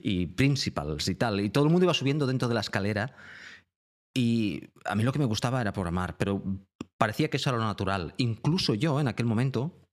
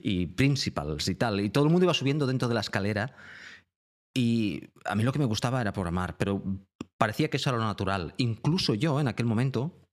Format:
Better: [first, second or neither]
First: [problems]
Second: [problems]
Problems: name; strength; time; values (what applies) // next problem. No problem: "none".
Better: neither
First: none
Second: none